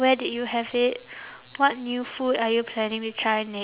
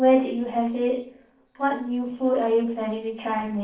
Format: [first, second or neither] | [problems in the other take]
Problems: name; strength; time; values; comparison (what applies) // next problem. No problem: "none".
first | noise reduction (neural separator model SepFormer DNS4)